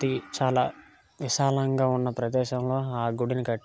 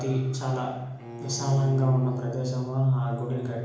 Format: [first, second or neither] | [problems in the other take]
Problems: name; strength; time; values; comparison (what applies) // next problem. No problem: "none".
first | background sound (Bowed string instrument); 15 dB below the speech // room echo; dies away in 1 s